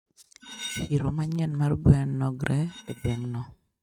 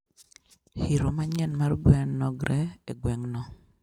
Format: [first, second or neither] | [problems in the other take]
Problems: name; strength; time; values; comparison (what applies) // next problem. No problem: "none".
second | noise reduction (neural mask model RNNoise)